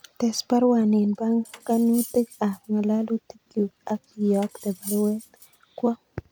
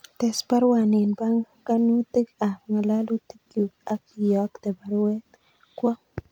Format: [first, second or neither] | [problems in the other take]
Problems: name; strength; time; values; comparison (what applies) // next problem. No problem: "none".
second | background sound (Cutlery, silverware); 20 dB below the speech